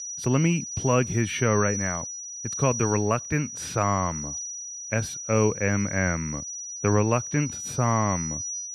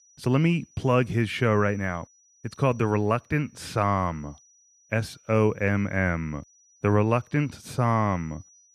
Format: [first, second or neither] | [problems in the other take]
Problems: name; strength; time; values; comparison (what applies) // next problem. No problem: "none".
second | high-pitched whine; loud; throughout; 6 kHz, 6 dB below the speech; faint in the second